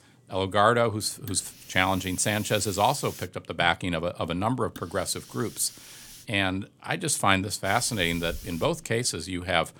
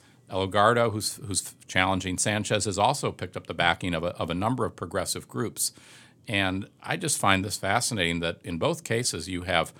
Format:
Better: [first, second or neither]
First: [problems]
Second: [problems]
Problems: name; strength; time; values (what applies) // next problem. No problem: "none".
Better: second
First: hiss; noticeable; from 1 to 3.5 s, from 4.5 to 6 s and from 7.5 s on; 15 dB below the speech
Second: none